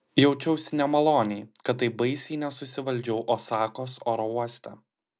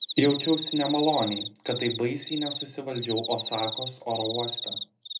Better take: first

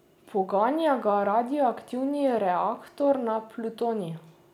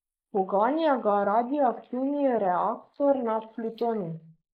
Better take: first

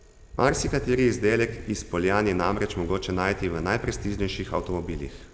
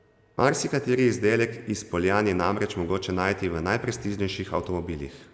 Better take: second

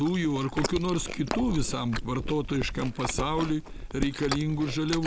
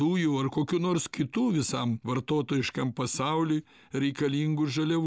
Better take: second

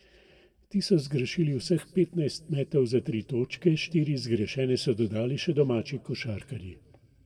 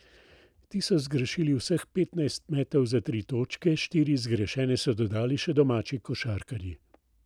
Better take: second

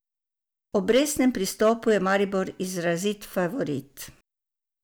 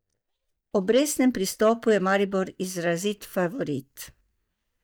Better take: first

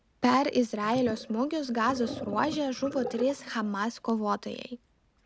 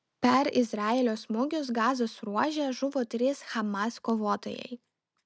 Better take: second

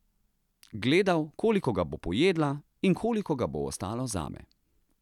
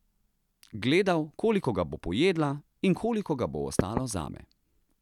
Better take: first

